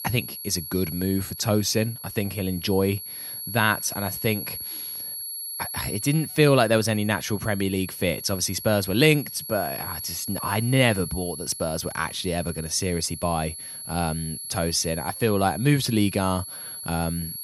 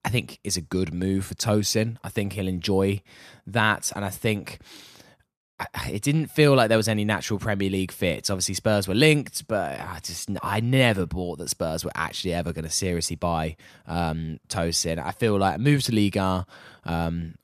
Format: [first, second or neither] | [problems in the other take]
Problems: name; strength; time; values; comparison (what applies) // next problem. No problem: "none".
second | high-pitched whine; loud; throughout; 11.5 kHz, 8 dB below the speech